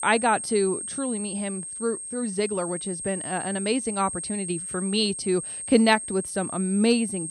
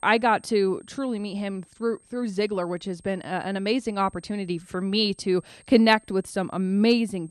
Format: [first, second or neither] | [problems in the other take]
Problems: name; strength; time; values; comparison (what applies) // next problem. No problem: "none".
second | high-pitched whine; loud; throughout; 8.5 kHz, 6 dB below the speech; faint in the second